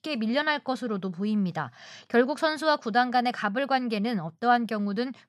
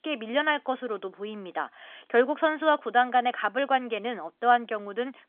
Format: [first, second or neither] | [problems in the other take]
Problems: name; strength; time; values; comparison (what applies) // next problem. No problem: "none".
first | phone-call audio; nothing above 3.5 kHz